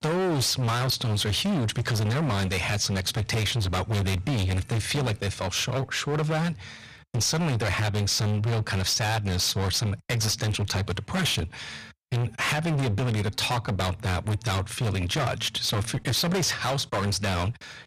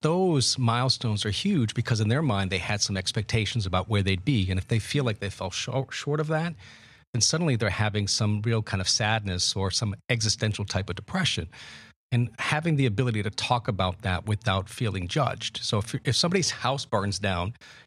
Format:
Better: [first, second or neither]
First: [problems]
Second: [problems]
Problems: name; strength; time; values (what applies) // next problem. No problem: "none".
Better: second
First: distortion; heavy; 32% of the sound clipped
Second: none